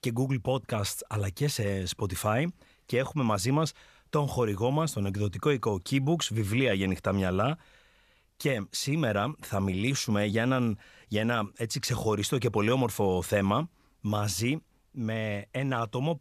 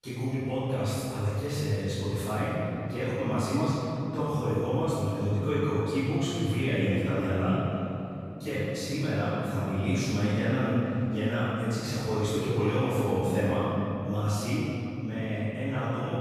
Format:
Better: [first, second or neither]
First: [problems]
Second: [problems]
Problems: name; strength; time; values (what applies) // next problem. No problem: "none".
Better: first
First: none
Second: off-mic speech; far // room echo; strong; dies away in 3 s